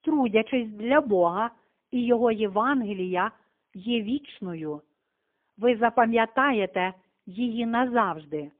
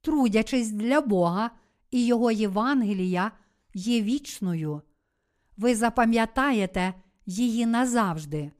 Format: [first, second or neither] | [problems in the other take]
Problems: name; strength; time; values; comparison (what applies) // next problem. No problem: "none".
second | phone-call audio; poor line; nothing above 3.5 kHz